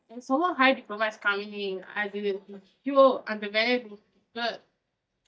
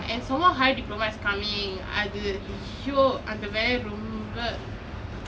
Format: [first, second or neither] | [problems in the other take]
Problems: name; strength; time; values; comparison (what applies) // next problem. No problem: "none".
second | noise reduction (neural mask model DeepFilterNet 3)